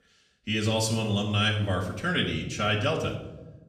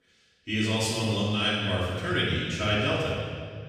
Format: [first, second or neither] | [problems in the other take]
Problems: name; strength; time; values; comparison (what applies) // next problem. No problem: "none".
first | room echo; strong; dies away in 1.7 s; slight in the first // off-mic speech; far; far in the first